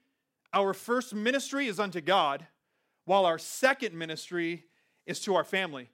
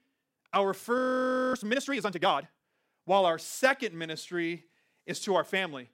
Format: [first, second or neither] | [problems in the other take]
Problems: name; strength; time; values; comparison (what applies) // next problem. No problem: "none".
first | audio freezing; at 1 s for 0.5 s